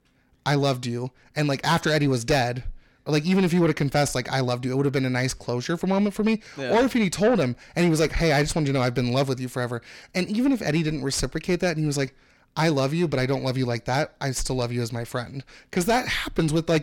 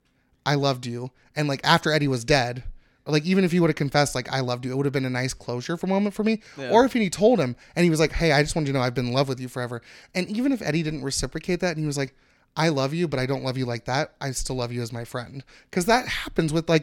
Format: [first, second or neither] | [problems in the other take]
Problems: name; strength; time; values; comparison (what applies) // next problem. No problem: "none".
second | distortion; slight; 10 dB below the speech